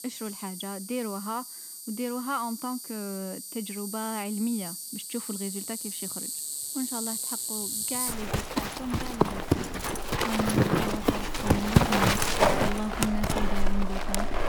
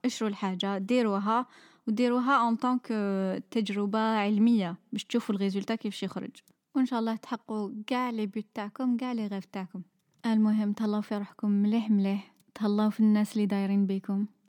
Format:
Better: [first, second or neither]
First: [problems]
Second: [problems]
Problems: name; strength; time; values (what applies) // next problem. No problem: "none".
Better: second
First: animal sounds; very loud; throughout; 5 dB above the speech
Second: none